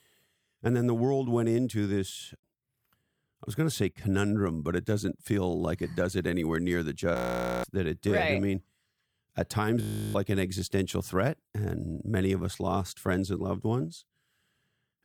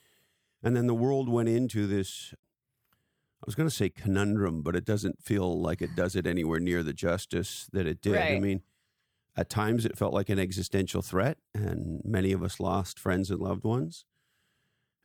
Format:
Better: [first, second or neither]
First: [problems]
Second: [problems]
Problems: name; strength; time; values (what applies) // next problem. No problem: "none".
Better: second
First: audio freezing; at 7 s and at 10 s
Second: none